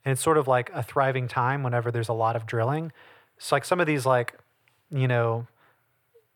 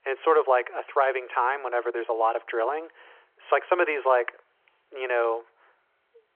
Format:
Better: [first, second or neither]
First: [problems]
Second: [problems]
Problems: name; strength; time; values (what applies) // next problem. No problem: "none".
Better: first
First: none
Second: phone-call audio